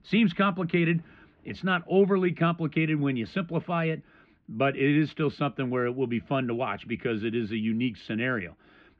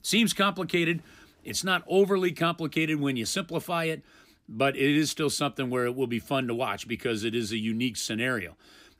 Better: second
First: muffled; very; fading above 2.5 kHz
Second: none

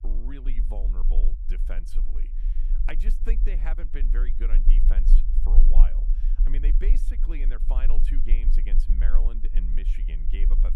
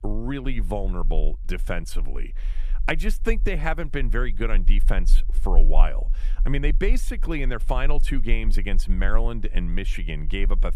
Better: second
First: low rumble; loud; throughout; 8 dB below the speech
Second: low rumble; faint; throughout; 25 dB below the speech

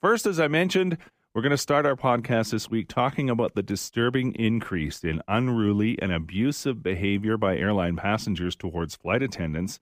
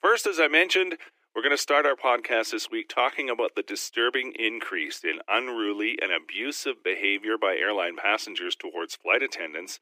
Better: first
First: none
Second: thin; very; fading below 300 Hz

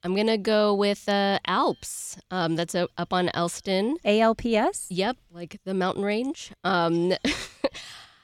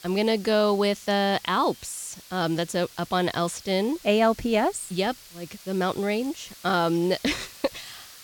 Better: first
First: none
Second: hiss; noticeable; throughout; 20 dB below the speech

